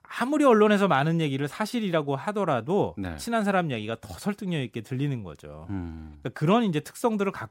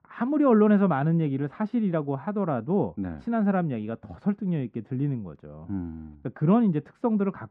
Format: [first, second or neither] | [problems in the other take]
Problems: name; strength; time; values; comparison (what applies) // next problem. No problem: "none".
first | muffled; very; fading above 1.5 kHz